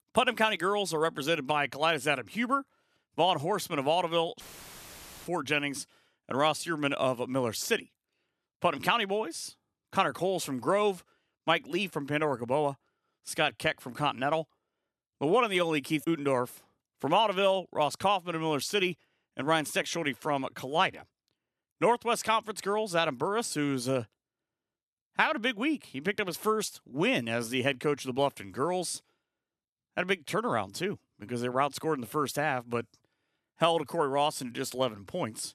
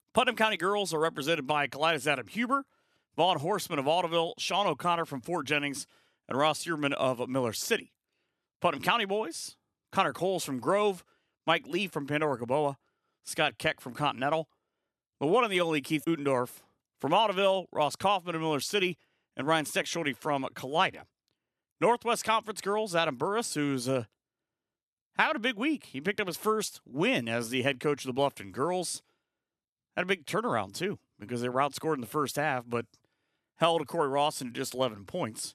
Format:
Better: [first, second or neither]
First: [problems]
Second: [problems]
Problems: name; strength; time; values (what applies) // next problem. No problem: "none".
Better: second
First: audio cutting out; filled with static; at 4.5 s for 1 s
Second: none